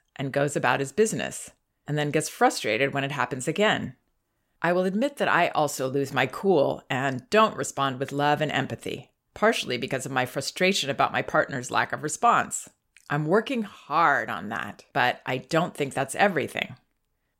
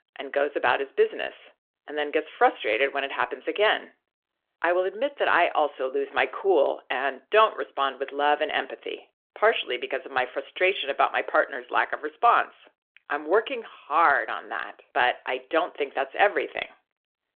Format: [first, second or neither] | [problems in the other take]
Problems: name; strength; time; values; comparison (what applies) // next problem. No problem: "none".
first | phone-call audio